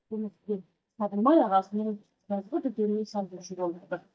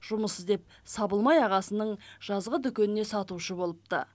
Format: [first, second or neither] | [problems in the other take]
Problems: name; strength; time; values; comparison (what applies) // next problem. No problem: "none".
second | noise reduction (neural mask model DeepFilterNet 3)